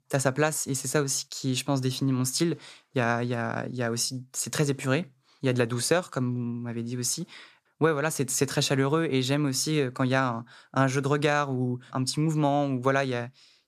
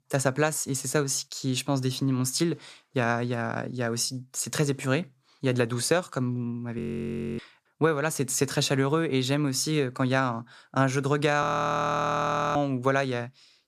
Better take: first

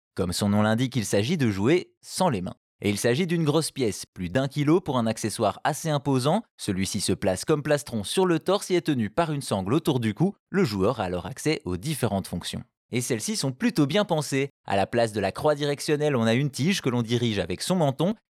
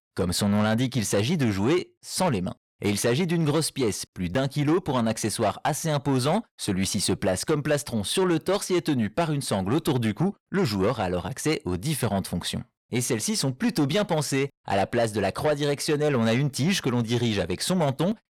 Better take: first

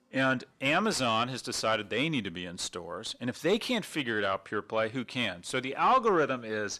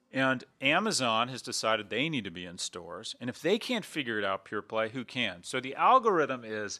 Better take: second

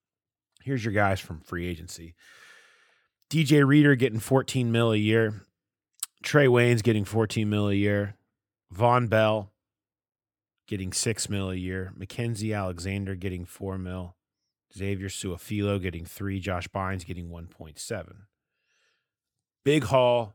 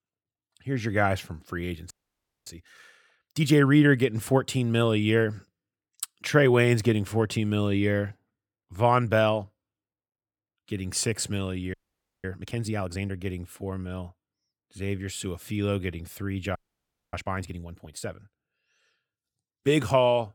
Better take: first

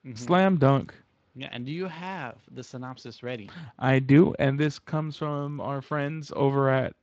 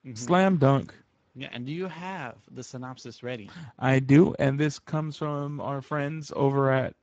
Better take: first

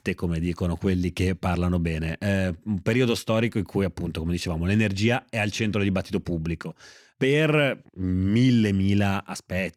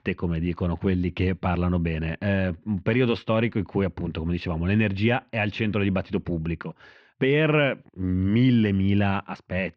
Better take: first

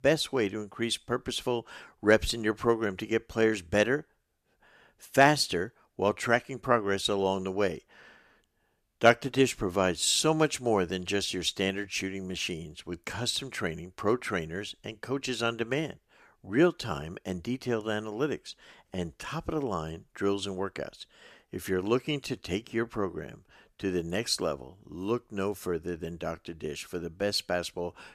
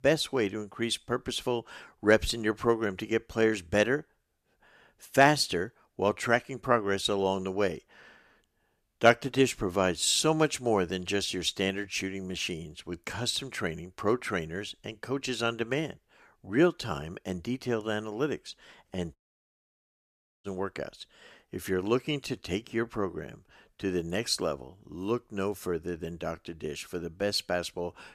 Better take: first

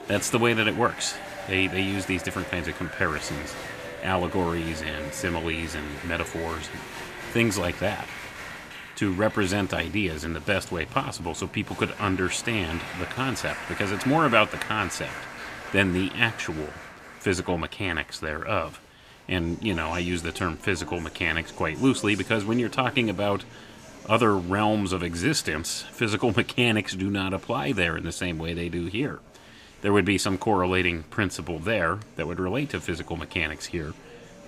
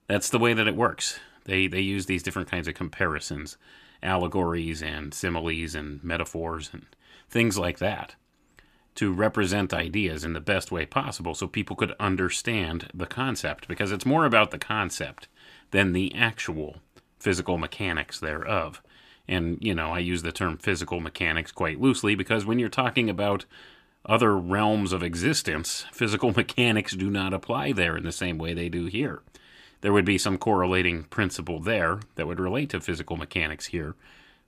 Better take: second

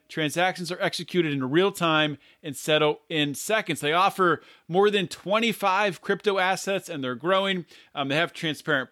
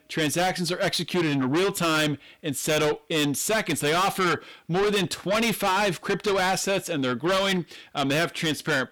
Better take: first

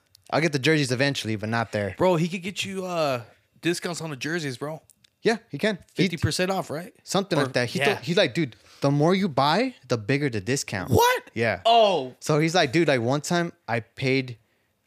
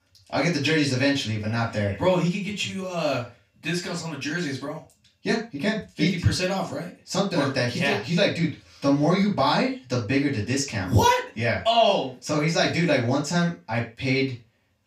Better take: first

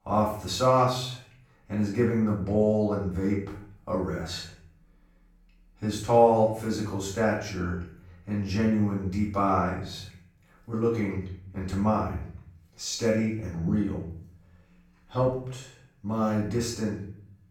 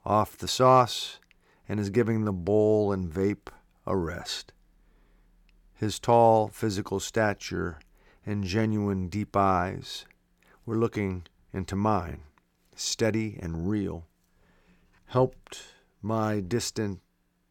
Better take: second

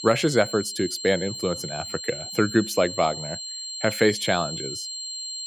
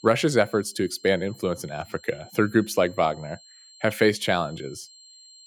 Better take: second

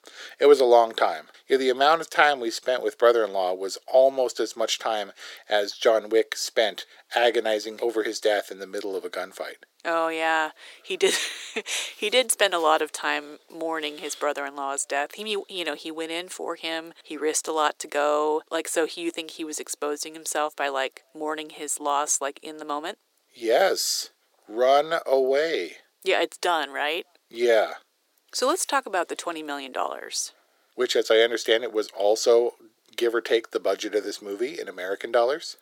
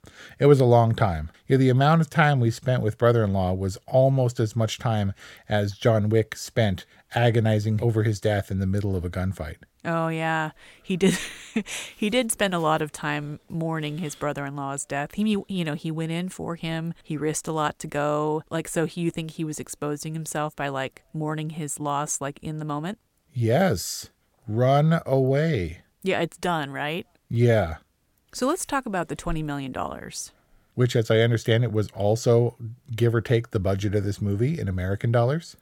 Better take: second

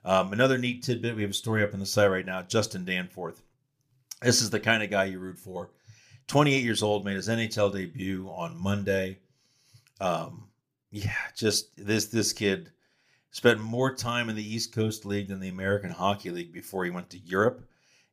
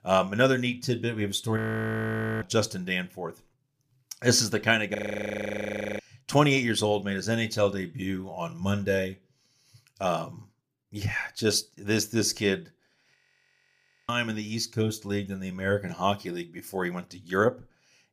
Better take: first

